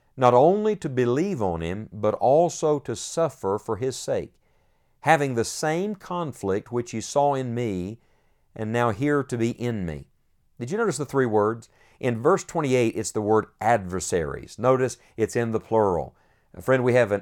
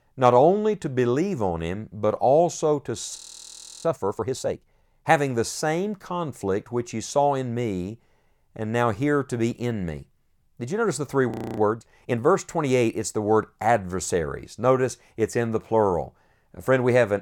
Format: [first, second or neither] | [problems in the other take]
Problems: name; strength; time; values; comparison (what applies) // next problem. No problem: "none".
first | audio freezing; at 3 s for 0.5 s and at 11 s